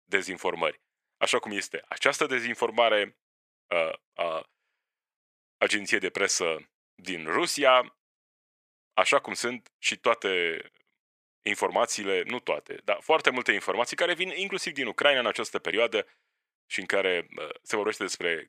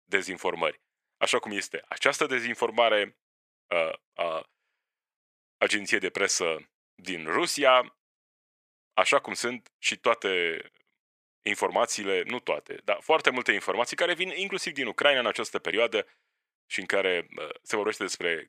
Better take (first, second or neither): neither